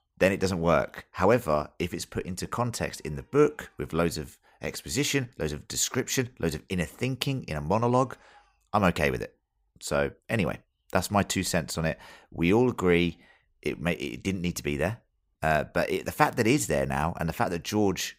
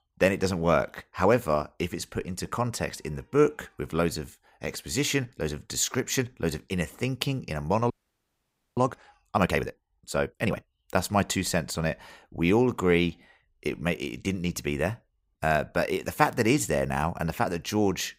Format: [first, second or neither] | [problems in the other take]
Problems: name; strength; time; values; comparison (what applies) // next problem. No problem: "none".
first | audio freezing; at 8 s for 1 s